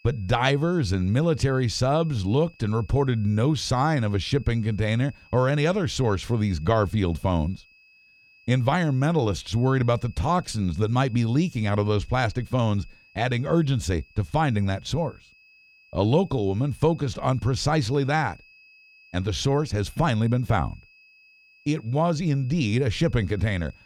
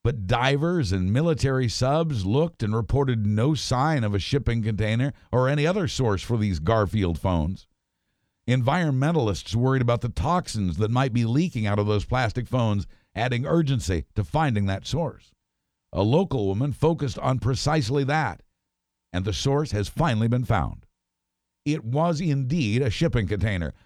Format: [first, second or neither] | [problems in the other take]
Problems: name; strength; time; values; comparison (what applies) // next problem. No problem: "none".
second | high-pitched whine; faint; throughout; 2.5 kHz, 30 dB below the speech